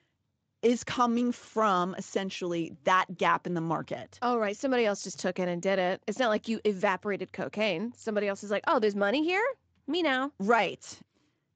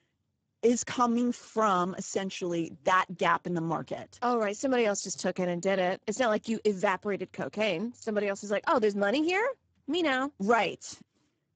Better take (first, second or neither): first